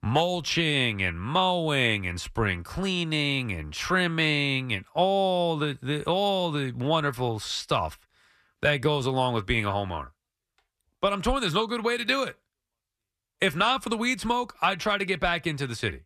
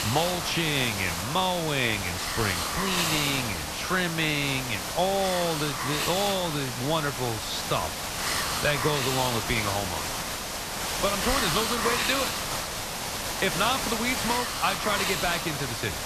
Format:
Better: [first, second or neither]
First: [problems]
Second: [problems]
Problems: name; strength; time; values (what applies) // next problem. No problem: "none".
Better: first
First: none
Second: hiss; loud; throughout; 1 dB below the speech